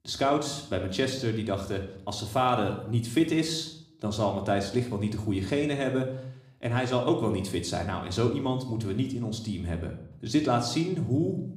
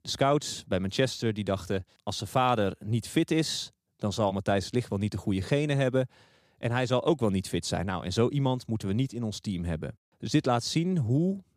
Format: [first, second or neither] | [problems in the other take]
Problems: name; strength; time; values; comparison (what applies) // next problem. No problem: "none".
second | room echo; slight; dies away in 0.6 s